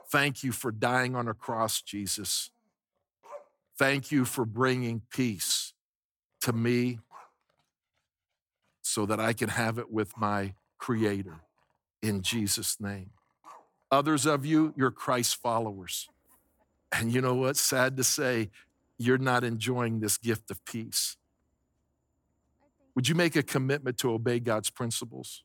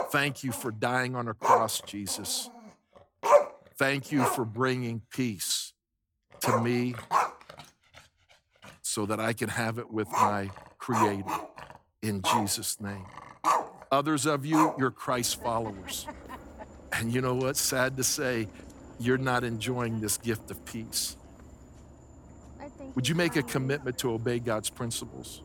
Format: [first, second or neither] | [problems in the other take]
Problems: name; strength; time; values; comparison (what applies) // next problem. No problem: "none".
first | animal sounds; loud; throughout; as loud as the speech; faint in the first